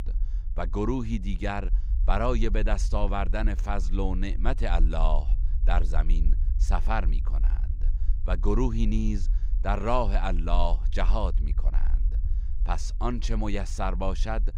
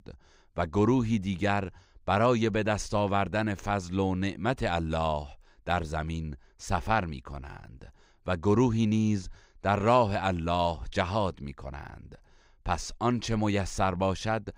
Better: second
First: low rumble; faint; throughout; 20 dB below the speech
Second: none

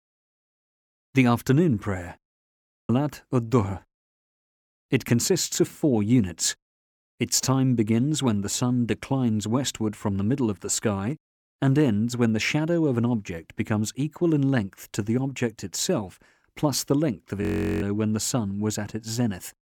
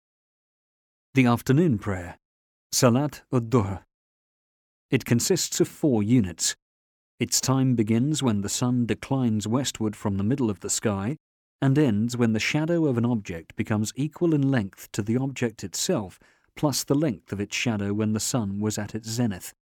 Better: second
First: audio freezing; at 2.5 s and at 17 s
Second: none

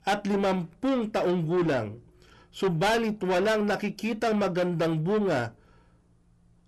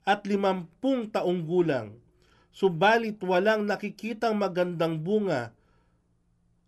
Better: second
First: distortion; heavy; 8 dB below the speech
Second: none

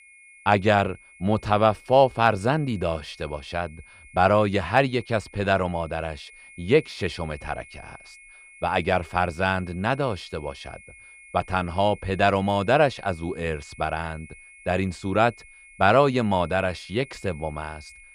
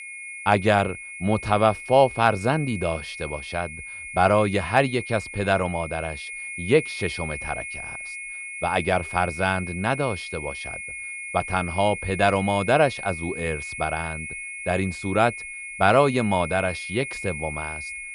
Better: first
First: high-pitched whine; faint; throughout; 2 kHz, 25 dB below the speech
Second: high-pitched whine; loud; throughout; 2 kHz, 9 dB below the speech

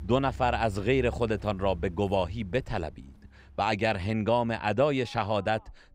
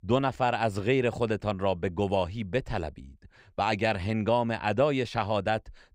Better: second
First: traffic noise; noticeable; throughout; 15 dB below the speech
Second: none

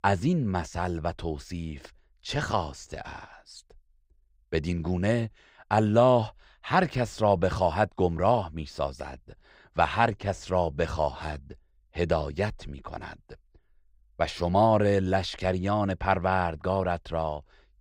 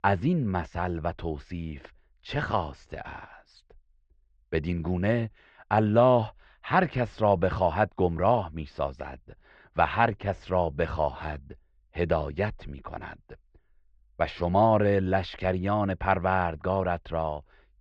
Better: first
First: none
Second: muffled; slightly; fading above 2.5 kHz

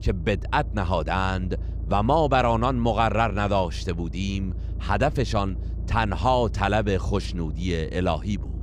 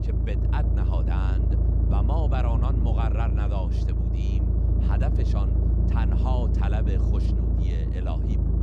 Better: first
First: low rumble; faint; throughout; 25 dB below the speech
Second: low rumble; loud; throughout; 2 dB below the speech

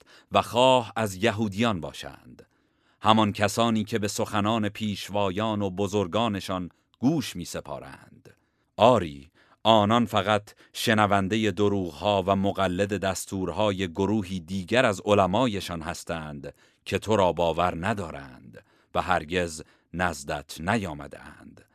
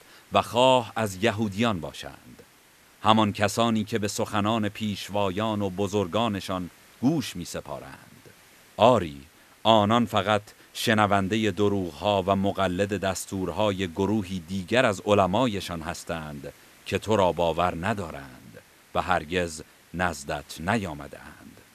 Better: first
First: none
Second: hiss; faint; throughout; 30 dB below the speech

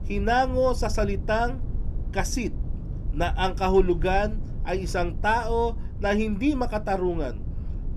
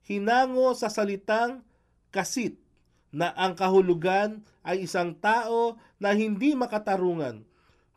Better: second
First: low rumble; faint; throughout; 20 dB below the speech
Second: none

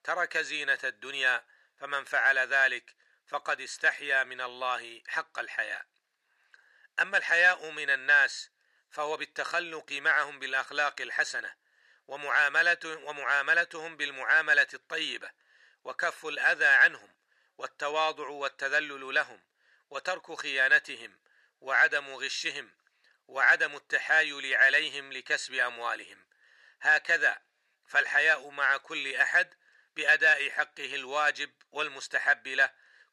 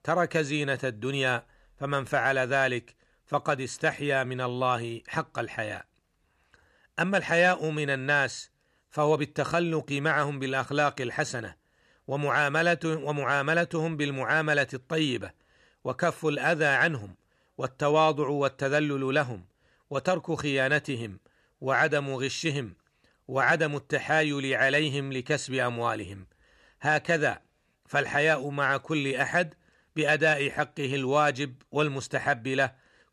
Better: second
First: thin; very; fading below 650 Hz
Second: none

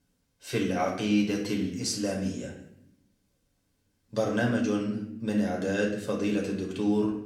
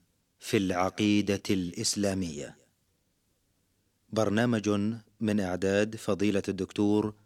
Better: second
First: room echo; slight; dies away in 0.6 s // off-mic speech; far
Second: none

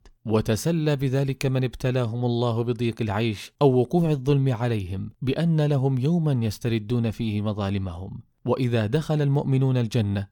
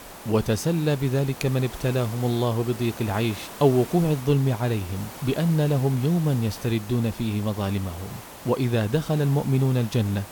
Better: first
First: none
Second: hiss; noticeable; throughout; 15 dB below the speech

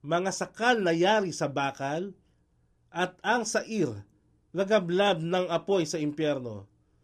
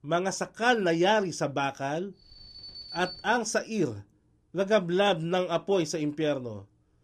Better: first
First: none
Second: alarm; faint; from 2 to 3.5 s; peak 10 dB below the speech

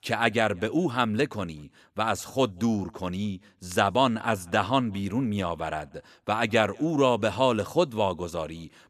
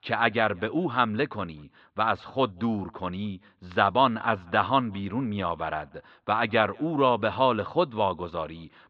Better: first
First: none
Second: muffled; slightly; fading above 4 kHz

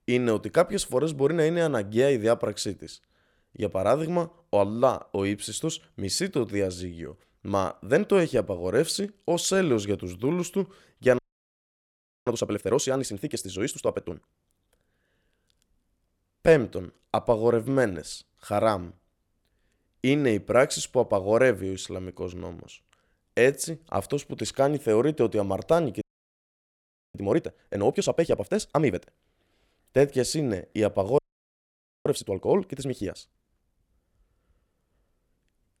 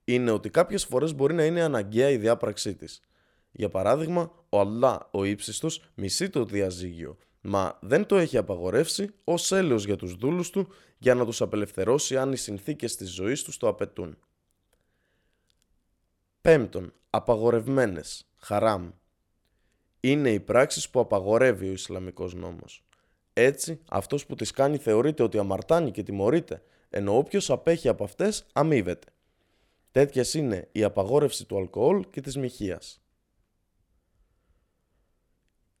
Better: second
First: audio freezing; at 11 s for 1 s, at 26 s for 1 s and at 31 s for 1 s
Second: none

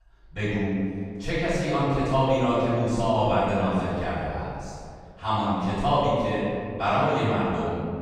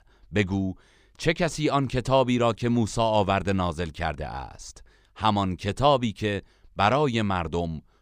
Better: second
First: off-mic speech; far // room echo; strong; dies away in 2.1 s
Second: none

